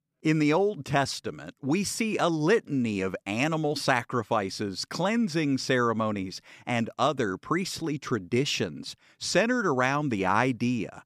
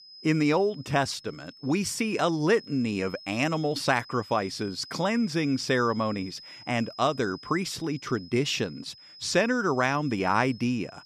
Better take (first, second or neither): first